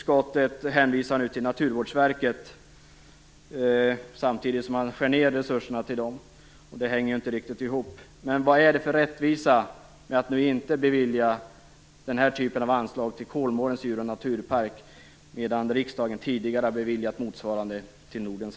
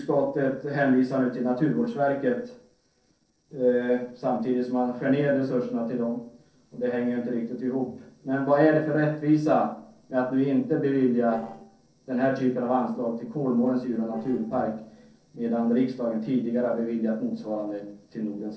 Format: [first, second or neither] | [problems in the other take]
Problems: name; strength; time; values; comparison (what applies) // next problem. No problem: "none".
first | noise reduction (neural separator model SepFormer DNS4)